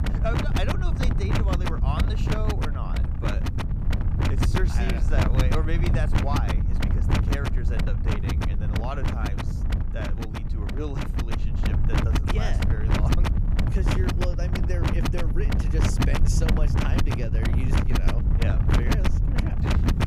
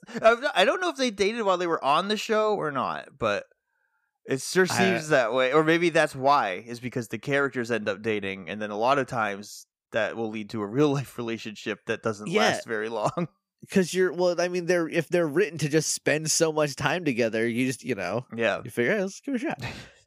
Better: second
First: wind noise on the microphone; heavy; 3 dB above the speech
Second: none

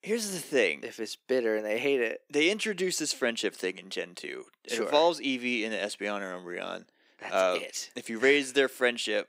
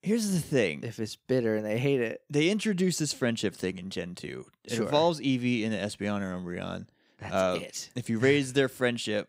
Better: second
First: thin; somewhat; fading below 300 Hz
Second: none

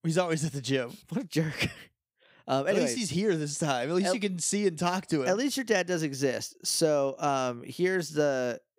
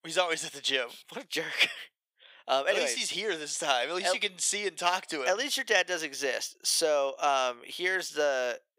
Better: first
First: none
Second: thin; very; fading below 650 Hz

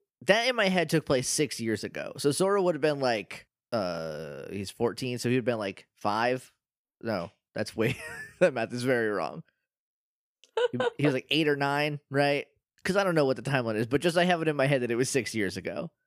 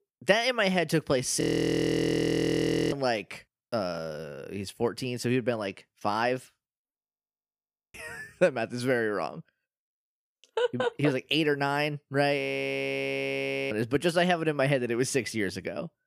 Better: first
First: none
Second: audio freezing; at 1.5 s for 1.5 s, at 7 s for 1 s and at 12 s for 1.5 s

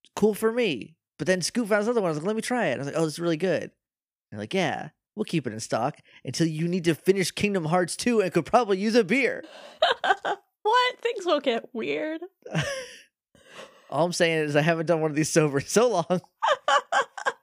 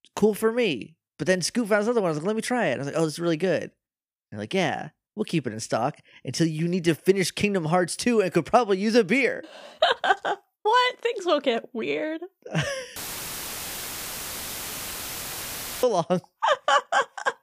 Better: first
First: none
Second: audio cutting out; filled with static; at 13 s for 3 s

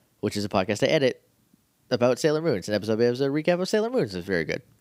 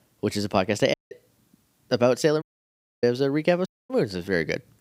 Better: first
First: none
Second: audio cutting out; at 1 s, at 2.5 s for 0.5 s and at 3.5 s

